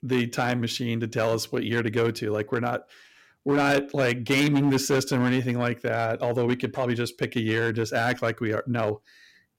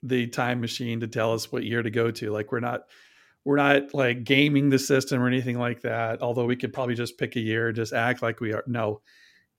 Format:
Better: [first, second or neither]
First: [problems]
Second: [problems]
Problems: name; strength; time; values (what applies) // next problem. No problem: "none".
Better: second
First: distortion; slight; 6% of the sound clipped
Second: none